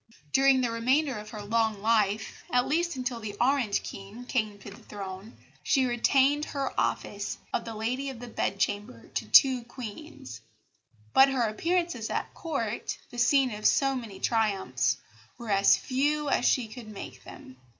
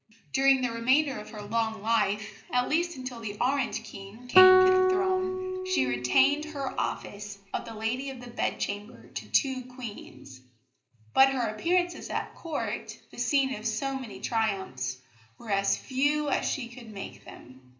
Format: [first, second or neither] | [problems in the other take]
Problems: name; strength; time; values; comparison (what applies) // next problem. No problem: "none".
first | background sound (Guitar); 4 dB above the speech // room echo; dies away in 0.5 s